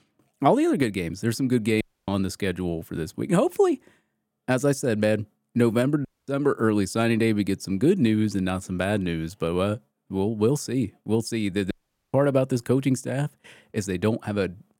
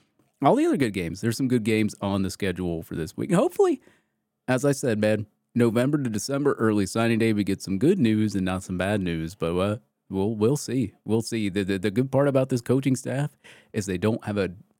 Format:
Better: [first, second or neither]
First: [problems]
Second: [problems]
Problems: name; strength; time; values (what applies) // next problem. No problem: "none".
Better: second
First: audio cutting out; at 2 s, at 6 s and at 12 s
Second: none